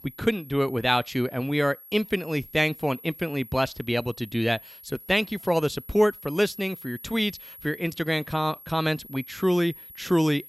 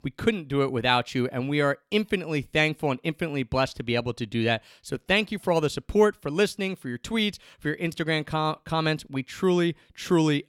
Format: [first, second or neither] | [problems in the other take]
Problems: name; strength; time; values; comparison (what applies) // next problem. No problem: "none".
second | high-pitched whine; noticeable; throughout; 11.5 kHz, 15 dB below the speech